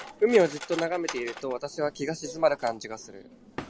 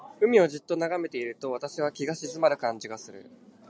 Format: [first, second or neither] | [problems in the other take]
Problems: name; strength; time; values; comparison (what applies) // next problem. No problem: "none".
second | background sound (Cutlery, silverware); 15 dB below the speech